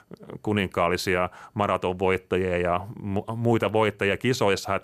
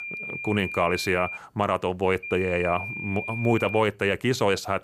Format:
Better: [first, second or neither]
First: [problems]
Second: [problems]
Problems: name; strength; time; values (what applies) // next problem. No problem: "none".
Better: first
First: none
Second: high-pitched whine; loud; until 1.5 s and from 2 to 4 s; 2.5 kHz, 7 dB below the speech